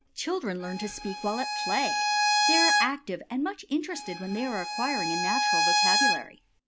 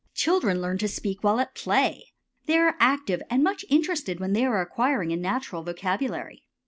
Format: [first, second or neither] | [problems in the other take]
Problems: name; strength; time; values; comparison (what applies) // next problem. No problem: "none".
second | background sound (Bowed string instrument); 4 dB above the speech